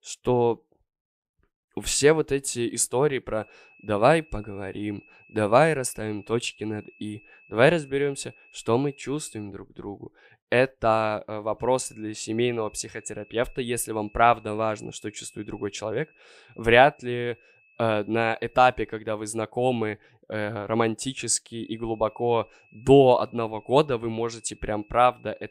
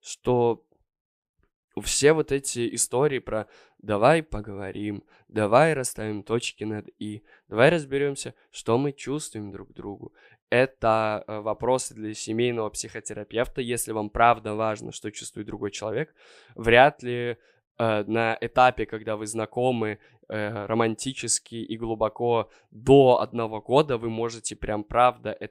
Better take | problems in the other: second | high-pitched whine; faint; from 3.5 to 9.5 s, from 12 to 19 s and from 22 s on; 2.5 kHz, 30 dB below the speech

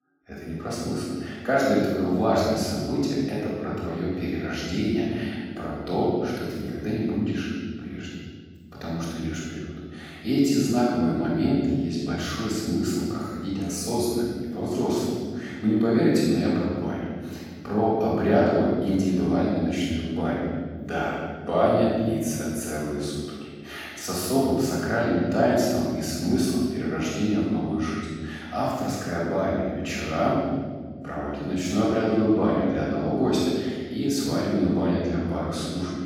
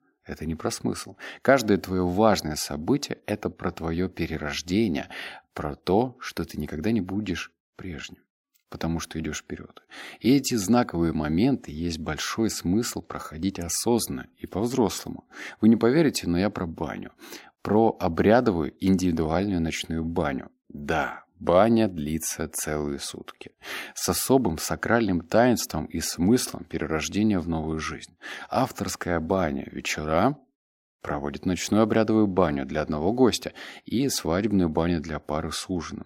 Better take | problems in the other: second | off-mic speech; far // room echo; strong; dies away in 1.8 s

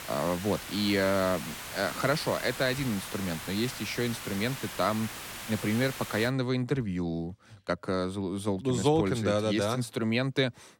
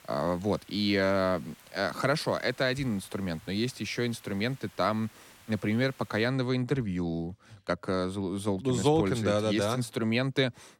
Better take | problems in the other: second | hiss; loud; until 6.5 s; 9 dB below the speech; faint in the second

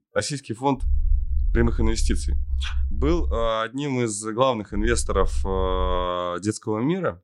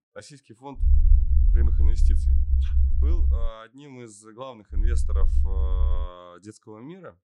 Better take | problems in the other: first | low rumble; loud; from 1 to 3.5 s and from 5 to 6 s; 2 dB below the speech; faint in the first

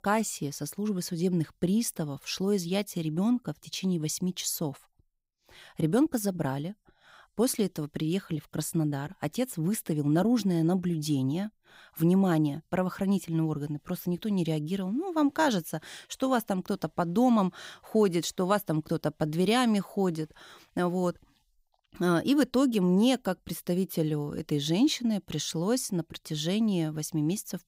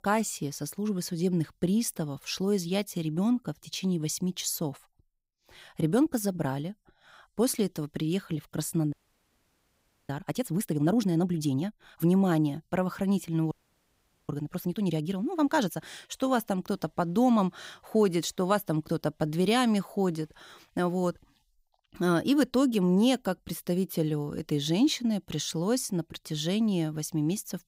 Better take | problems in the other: first | audio freezing; at 9 s for 1 s and at 14 s for 1 s

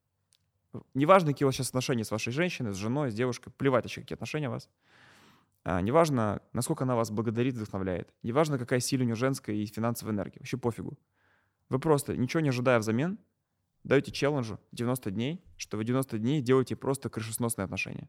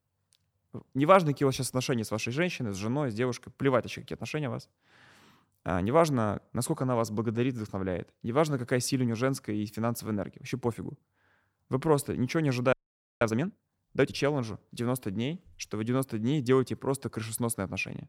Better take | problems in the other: first | audio freezing; at 13 s

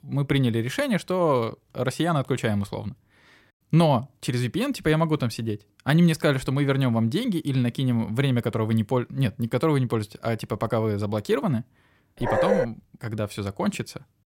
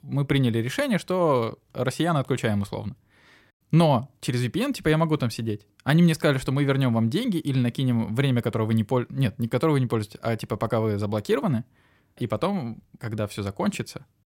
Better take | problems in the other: second | dog barking; loud; at 12 s; peak 2 dB above the speech

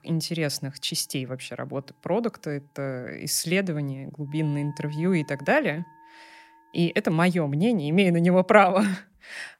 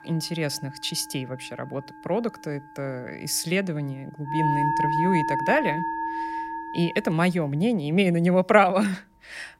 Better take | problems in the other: first | background music; loud; throughout; 2 dB below the speech; faint in the first

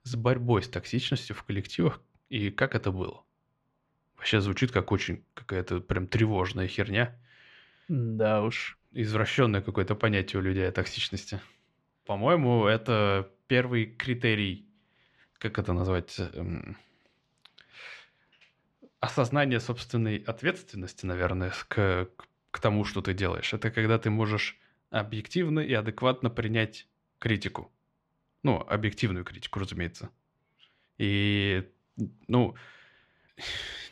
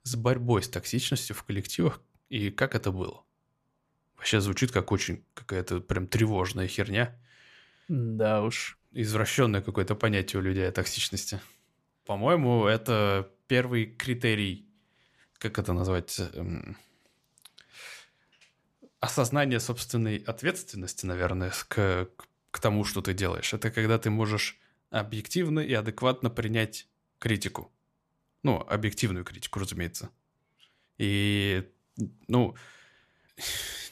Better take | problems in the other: second | muffled; very slightly; fading above 3 kHz

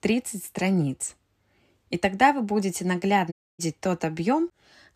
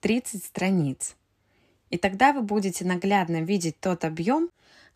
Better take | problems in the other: second | audio cutting out; at 3.5 s

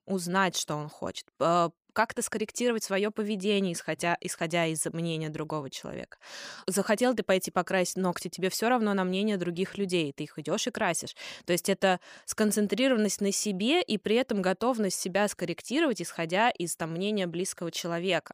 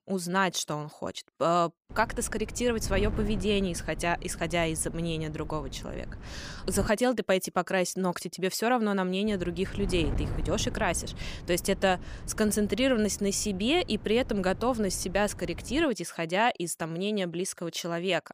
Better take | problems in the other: first | wind noise on the microphone; occasional gusts; from 2 to 7 s and from 9.5 to 16 s; 20 dB below the speech

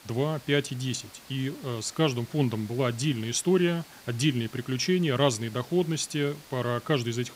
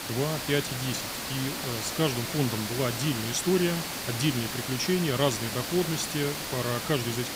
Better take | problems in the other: first | hiss; loud; throughout; 3 dB below the speech; faint in the first

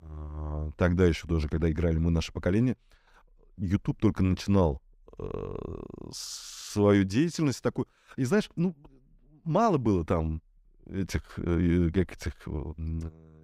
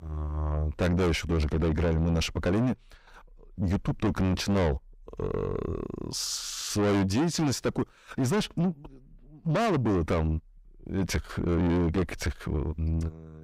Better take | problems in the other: first | distortion; heavy; 5 dB below the speech

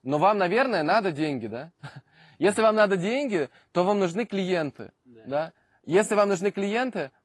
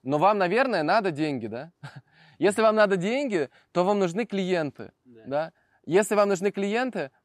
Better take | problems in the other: second | garbled, watery; slightly

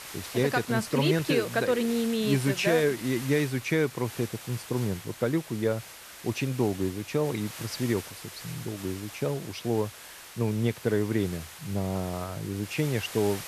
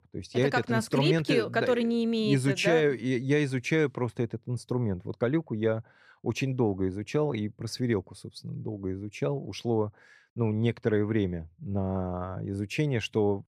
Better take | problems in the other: second | hiss; noticeable; throughout; 10 dB below the speech

